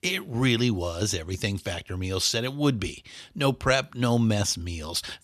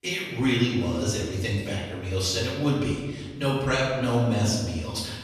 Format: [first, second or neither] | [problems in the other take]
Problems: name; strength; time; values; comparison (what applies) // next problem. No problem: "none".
first | off-mic speech; far // room echo; noticeable; dies away in 1.4 s